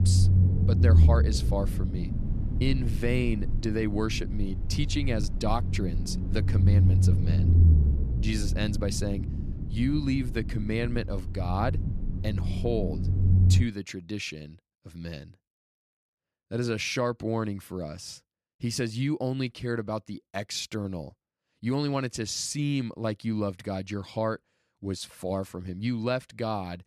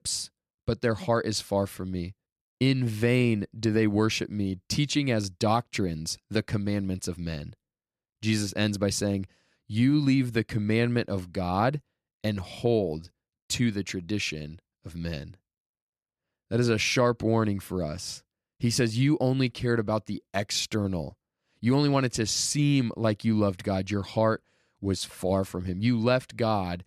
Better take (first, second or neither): second